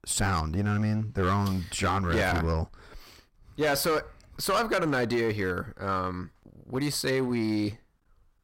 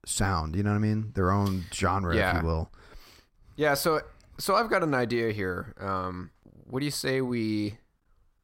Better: second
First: distortion; slight; 8% of the sound clipped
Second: none

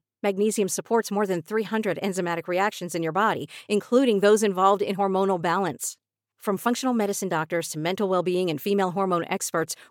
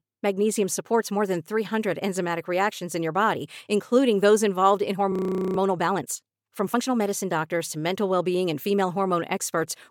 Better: first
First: none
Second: audio freezing; at 5 s

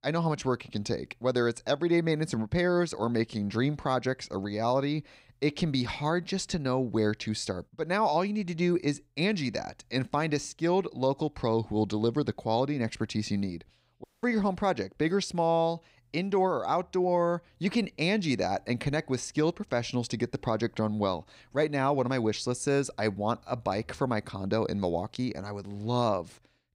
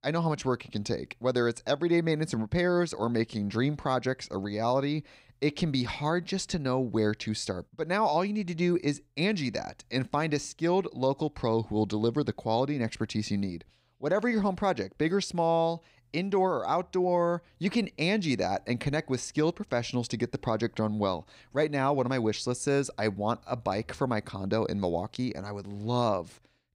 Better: second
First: audio cutting out; at 14 s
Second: none

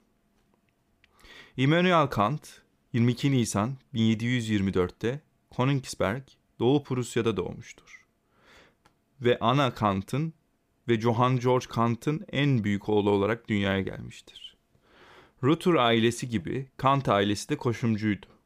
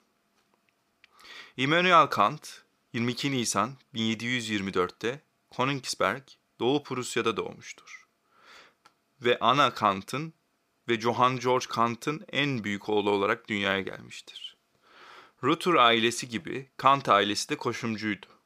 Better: first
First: none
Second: thin; somewhat; fading below 850 Hz

